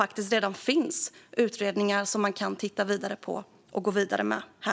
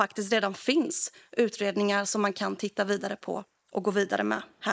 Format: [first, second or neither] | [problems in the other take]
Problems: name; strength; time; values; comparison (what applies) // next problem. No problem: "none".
first | noise reduction (neural mask model Resemble Enhance denoiser)